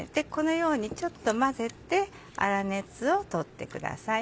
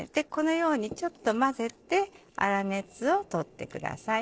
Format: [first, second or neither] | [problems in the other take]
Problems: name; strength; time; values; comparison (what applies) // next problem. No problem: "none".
first | noise reduction (neural separator model SepFormer DNS4)